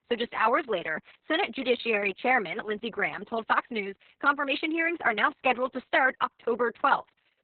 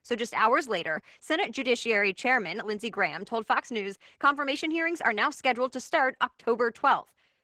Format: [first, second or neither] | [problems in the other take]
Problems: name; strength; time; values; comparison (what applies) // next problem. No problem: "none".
second | garbled, watery; badly; nothing above 4 kHz; slightly in the second